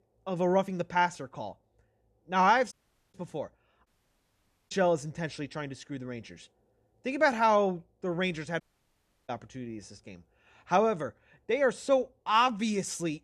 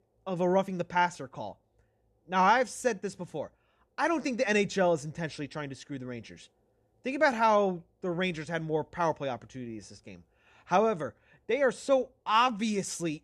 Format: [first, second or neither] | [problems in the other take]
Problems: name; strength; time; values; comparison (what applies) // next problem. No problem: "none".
second | audio cutting out; at 2.5 s, at 4 s for 1 s and at 8.5 s for 0.5 s